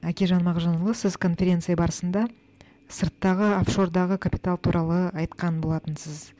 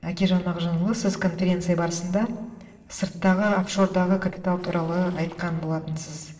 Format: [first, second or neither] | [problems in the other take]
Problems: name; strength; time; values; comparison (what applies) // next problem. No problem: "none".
first | noise reduction (neural separator model SepFormer DNS4)